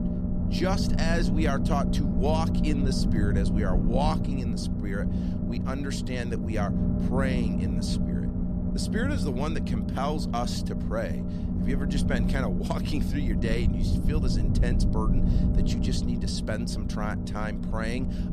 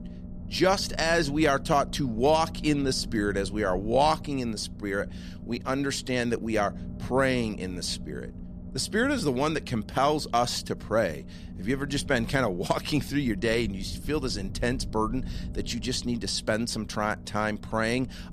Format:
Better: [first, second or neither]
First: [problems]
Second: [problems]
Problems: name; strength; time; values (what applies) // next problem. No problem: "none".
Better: second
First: low rumble; loud; throughout; 3 dB below the speech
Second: low rumble; faint; throughout; 20 dB below the speech